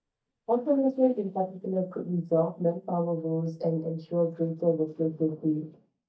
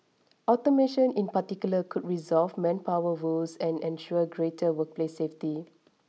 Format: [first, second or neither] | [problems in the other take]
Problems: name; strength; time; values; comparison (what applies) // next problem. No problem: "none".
second | noise reduction (neural mask model DeepFilterNet 3)